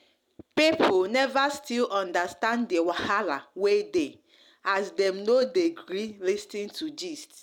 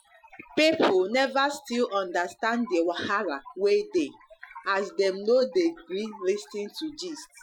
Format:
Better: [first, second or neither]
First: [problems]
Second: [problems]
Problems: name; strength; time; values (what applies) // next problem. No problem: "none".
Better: first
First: none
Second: noise reduction (classical method Wiener filter)